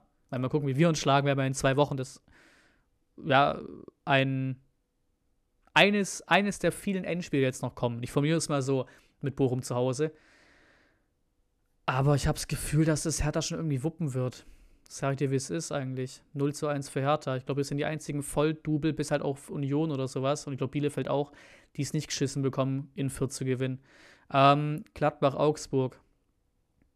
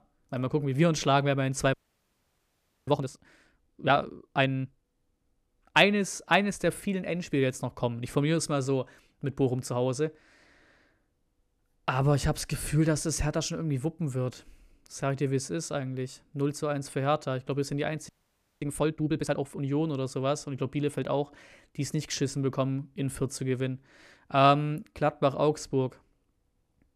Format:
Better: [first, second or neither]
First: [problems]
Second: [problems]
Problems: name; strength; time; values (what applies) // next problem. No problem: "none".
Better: first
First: none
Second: audio freezing; at 1.5 s for 1 s and at 18 s for 0.5 s